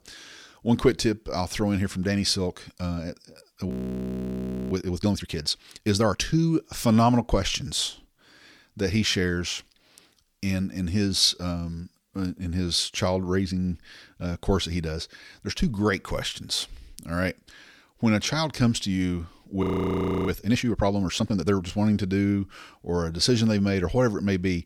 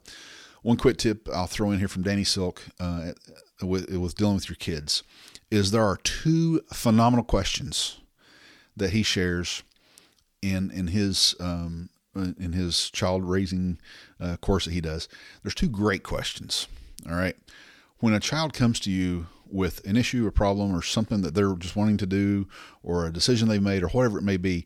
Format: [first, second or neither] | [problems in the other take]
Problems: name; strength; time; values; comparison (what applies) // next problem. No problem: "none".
second | audio freezing; at 3.5 s for 1 s and at 20 s for 0.5 s